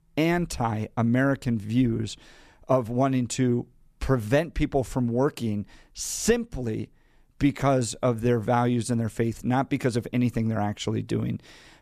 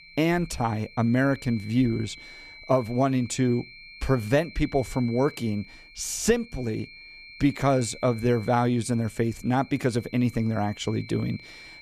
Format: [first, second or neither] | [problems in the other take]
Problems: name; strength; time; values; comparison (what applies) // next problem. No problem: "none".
first | high-pitched whine; noticeable; throughout; 2.5 kHz, 20 dB below the speech